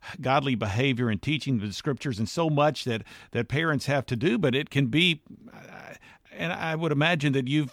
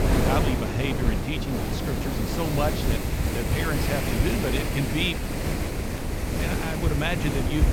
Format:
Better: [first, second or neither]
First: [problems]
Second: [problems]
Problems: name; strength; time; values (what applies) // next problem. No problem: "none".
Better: first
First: none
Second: wind noise on the microphone; heavy; as loud as the speech